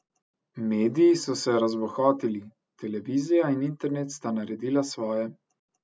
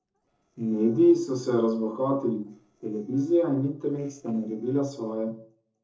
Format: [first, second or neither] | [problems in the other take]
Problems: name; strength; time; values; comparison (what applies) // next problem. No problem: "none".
first | noise reduction (neural separator model SepFormer DNS4)